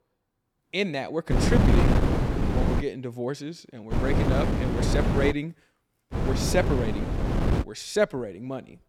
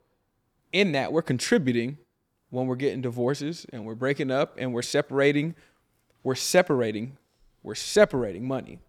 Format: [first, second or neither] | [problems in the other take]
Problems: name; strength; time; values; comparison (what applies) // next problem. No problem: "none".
second | wind noise on the microphone; heavy; from 1.5 to 3 s, from 4 to 5.5 s and from 6 to 7.5 s; 1 dB below the speech